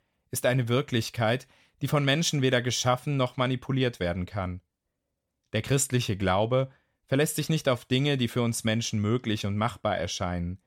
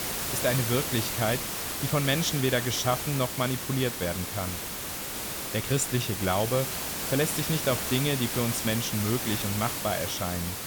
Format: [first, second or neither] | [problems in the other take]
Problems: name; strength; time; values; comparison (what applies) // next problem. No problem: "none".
first | hiss; loud; throughout; 2 dB below the speech